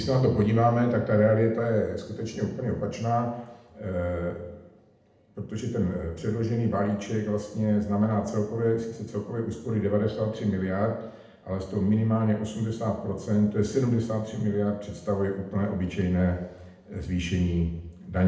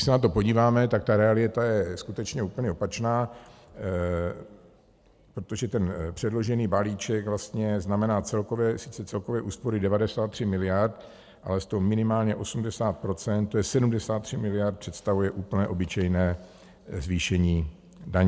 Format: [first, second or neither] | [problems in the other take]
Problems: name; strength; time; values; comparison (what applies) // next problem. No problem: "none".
second | room echo; dies away in 0.8 s